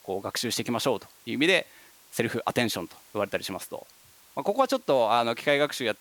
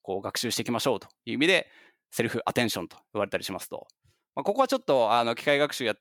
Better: second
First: hiss; faint; throughout; 25 dB below the speech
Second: none

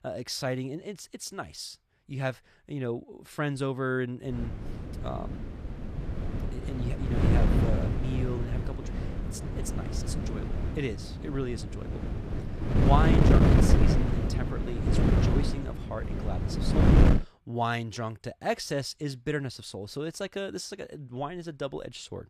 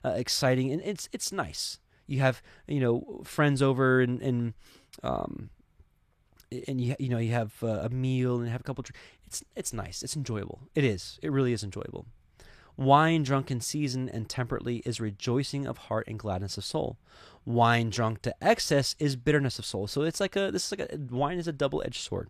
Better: second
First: wind noise on the microphone; heavy; from 4.5 to 17 s; 1 dB above the speech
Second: none

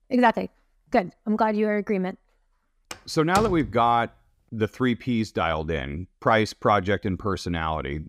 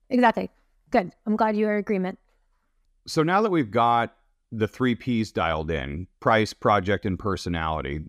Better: second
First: door banging; noticeable; at 3 s; peak 7 dB below the speech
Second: none

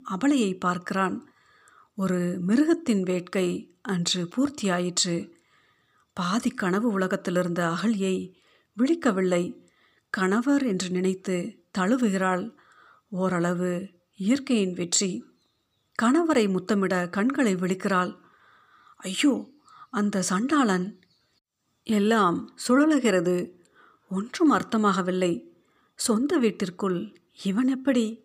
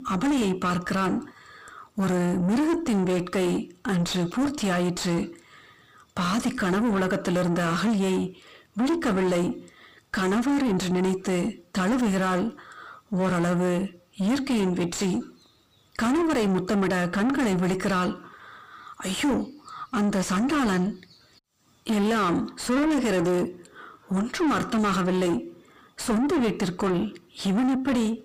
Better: first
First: none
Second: distortion; heavy; 6 dB below the speech

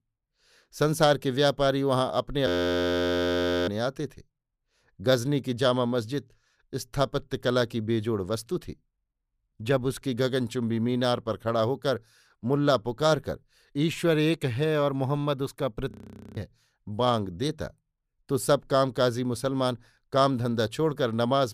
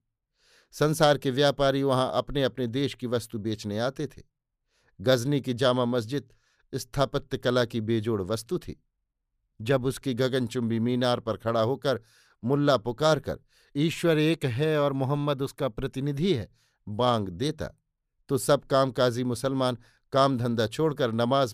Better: second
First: audio freezing; at 2.5 s for 1 s and at 16 s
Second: none

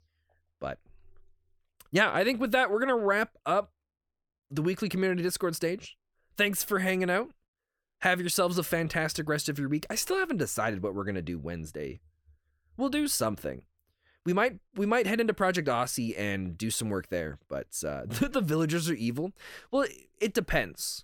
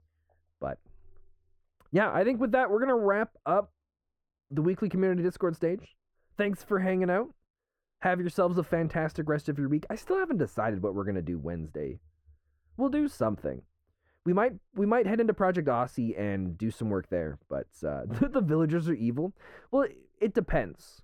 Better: first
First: none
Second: muffled; very; fading above 2.5 kHz

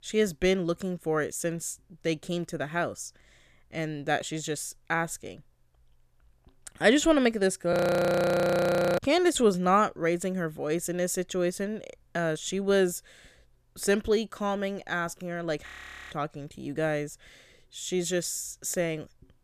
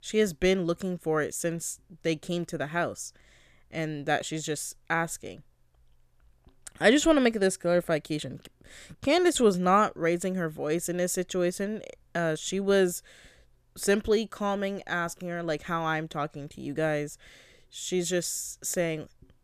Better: second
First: audio freezing; at 7.5 s for 1.5 s and at 16 s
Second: none

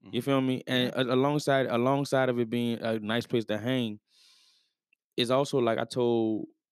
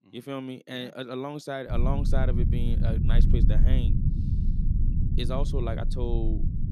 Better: first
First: none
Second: low rumble; loud; from 1.5 s on; 5 dB below the speech

